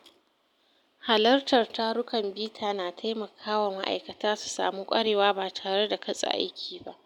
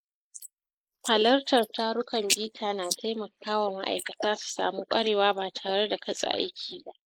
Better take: first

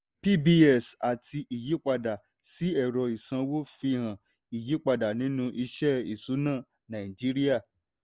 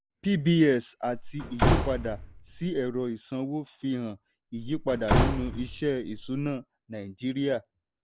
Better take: first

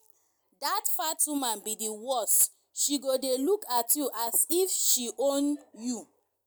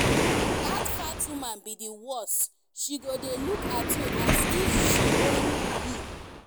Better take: first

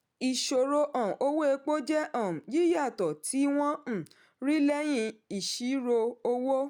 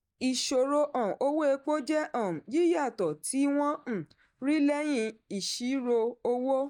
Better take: first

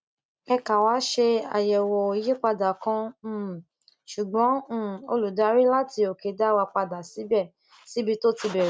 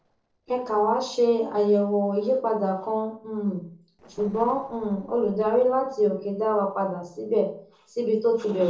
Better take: first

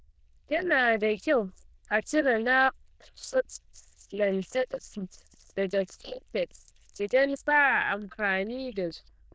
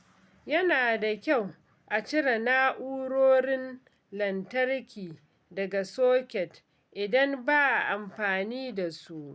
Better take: second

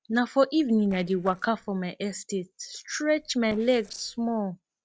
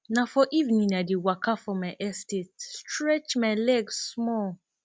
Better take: second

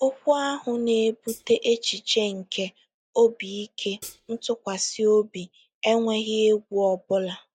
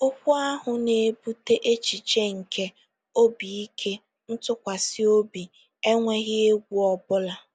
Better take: second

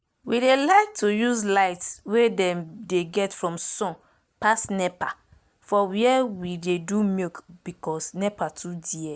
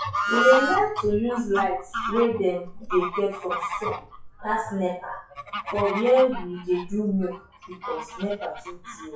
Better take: first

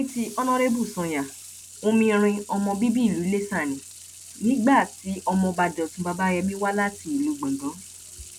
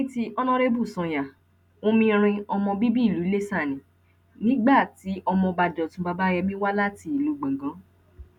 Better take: second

